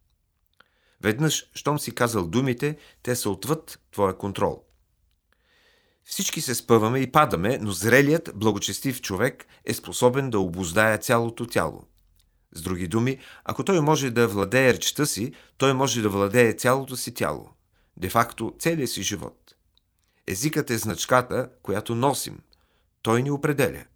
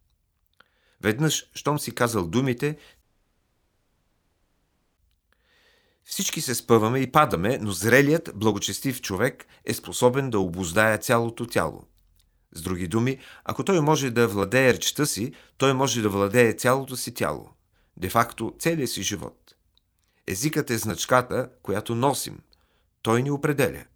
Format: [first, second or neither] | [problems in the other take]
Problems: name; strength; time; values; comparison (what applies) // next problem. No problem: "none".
first | audio cutting out; at 3 s for 2 s